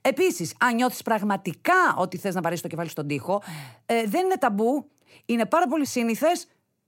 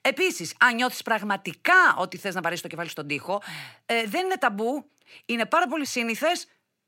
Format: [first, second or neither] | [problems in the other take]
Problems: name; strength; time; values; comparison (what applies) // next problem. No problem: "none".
first | thin; very slightly; fading below 350 Hz